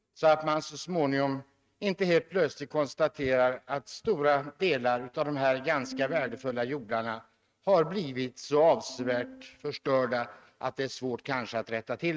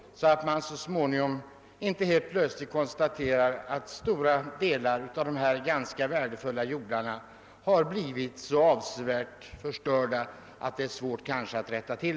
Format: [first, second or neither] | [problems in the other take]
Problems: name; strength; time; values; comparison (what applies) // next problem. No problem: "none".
second | noise reduction (neural mask model RNNoise)